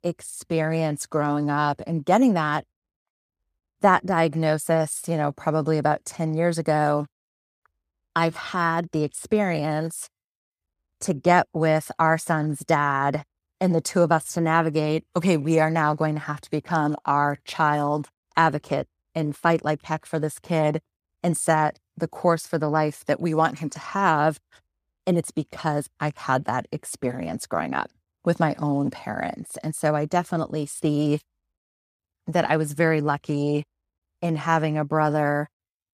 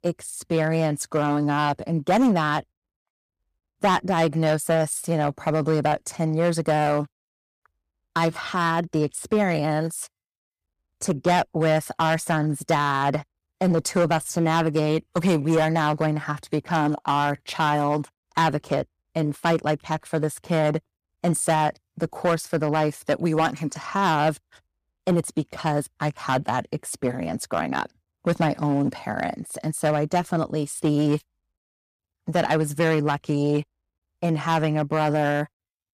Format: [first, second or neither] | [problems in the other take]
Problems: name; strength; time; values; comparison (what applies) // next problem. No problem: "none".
first | distortion; slight; 5% of the sound clipped